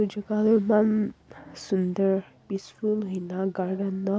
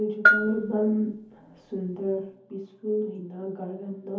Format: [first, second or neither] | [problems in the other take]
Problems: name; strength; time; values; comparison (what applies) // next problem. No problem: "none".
first | background sound (Bell); 3 dB above the speech // room echo; dies away in 0.5 s